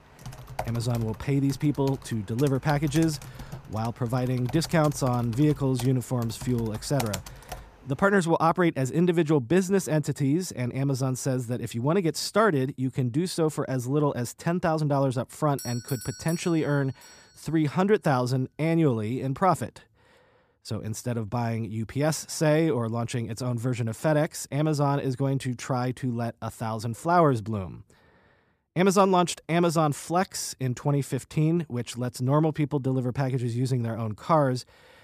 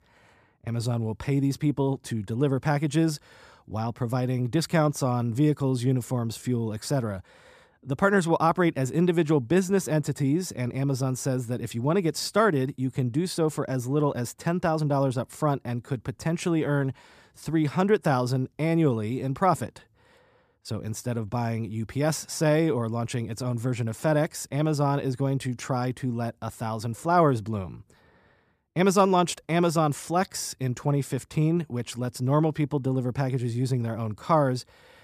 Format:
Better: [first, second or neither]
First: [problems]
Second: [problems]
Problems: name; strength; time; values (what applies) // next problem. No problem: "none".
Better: second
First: keyboard typing; noticeable; until 7.5 s; peak 8 dB below the speech // doorbell; faint; from 16 to 17 s; peak 10 dB below the speech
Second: none